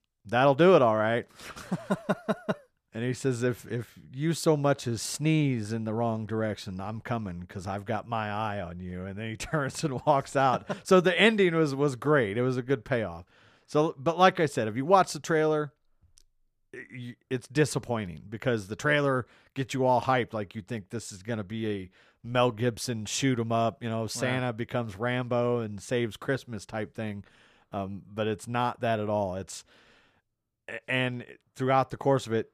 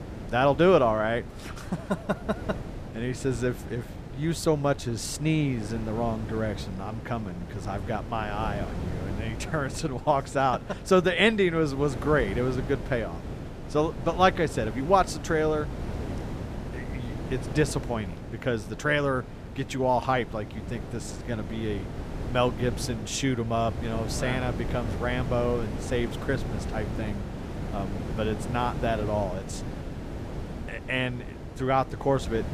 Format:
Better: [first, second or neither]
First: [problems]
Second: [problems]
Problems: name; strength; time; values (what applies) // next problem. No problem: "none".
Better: first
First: none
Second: wind noise on the microphone; occasional gusts; 15 dB below the speech